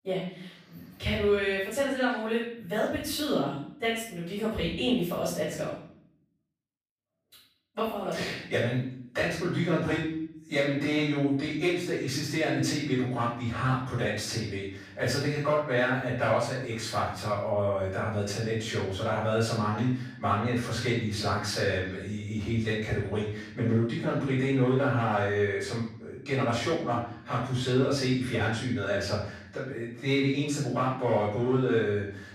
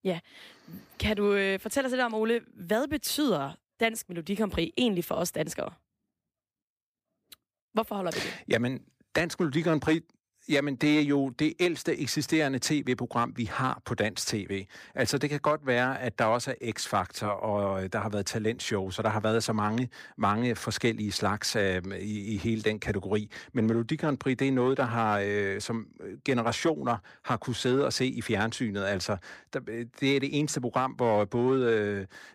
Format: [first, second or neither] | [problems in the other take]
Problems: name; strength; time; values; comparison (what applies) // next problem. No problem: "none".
second | off-mic speech; far // room echo; noticeable; dies away in 0.6 s